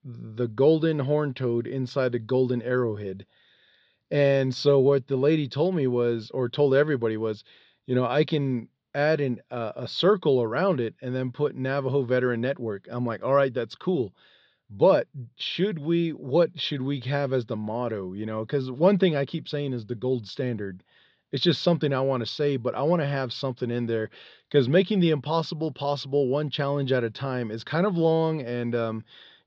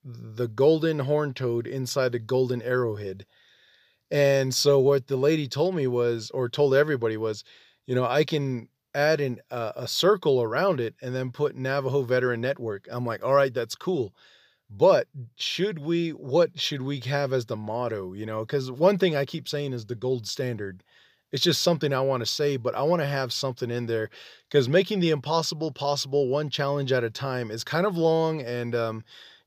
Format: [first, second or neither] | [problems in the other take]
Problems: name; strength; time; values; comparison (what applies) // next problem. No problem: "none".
second | muffled; very slightly; fading above 4 kHz